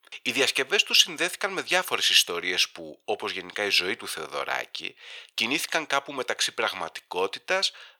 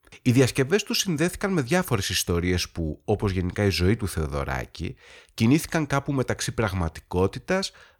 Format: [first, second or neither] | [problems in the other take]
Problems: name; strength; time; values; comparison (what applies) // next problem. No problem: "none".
second | thin; very; fading below 600 Hz